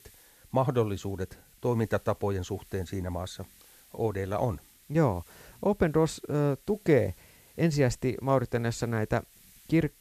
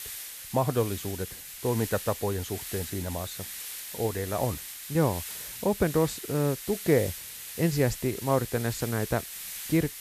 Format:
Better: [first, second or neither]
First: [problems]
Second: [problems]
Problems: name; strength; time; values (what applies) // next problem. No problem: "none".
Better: first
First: hiss; faint; throughout; 25 dB below the speech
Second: hiss; loud; throughout; 8 dB below the speech